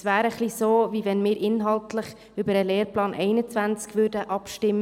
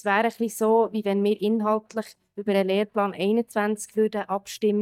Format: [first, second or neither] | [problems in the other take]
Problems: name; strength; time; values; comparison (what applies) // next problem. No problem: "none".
first | noise reduction (neural mask model DeepFilterNet 3)